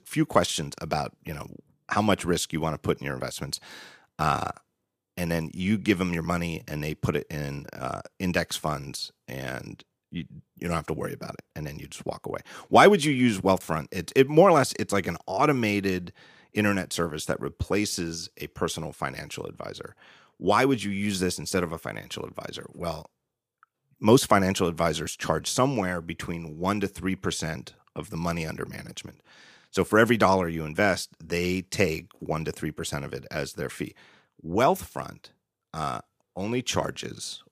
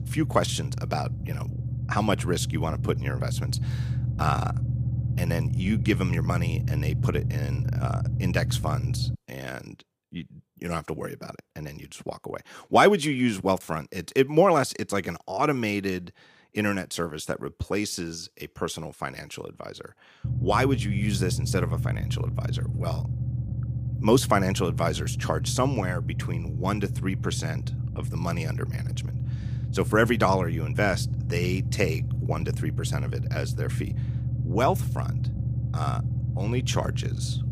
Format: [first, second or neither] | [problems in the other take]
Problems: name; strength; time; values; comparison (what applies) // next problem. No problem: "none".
first | low rumble; noticeable; until 9 s and from 20 s on; 15 dB below the speech